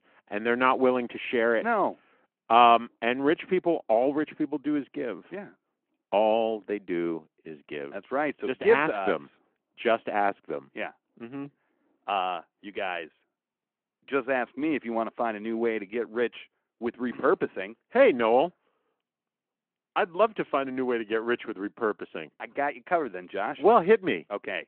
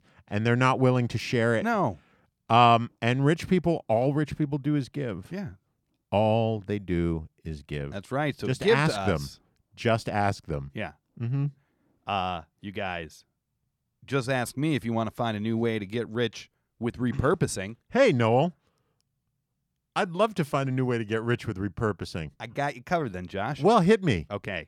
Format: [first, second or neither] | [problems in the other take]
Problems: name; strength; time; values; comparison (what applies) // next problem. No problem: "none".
second | phone-call audio